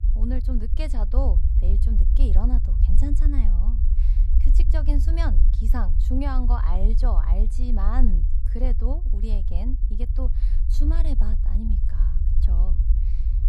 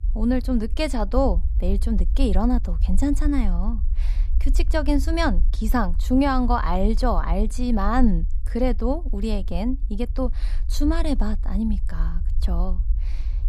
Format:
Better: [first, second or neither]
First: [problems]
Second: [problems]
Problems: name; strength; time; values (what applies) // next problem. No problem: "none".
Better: second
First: low rumble; loud; throughout; 8 dB below the speech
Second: low rumble; faint; throughout; 20 dB below the speech